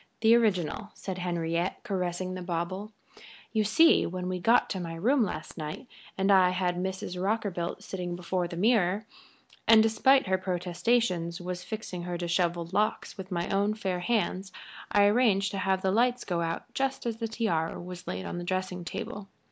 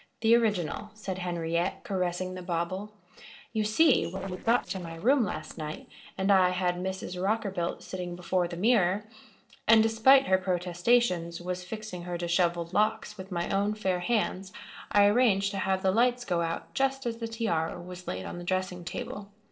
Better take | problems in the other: first | noise reduction (neural separator model SepFormer DNS4)

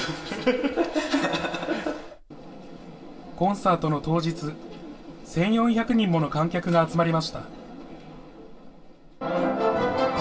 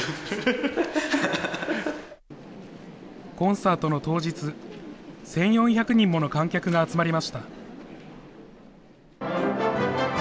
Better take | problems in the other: second | room echo; dies away in 0.2 s

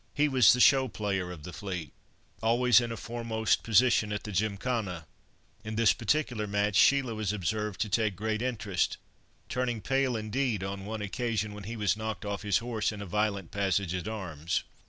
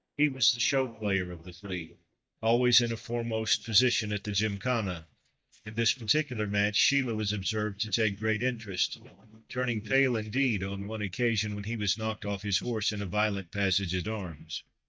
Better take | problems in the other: first | noise reduction (neural mask model DeepFilterNet 3)

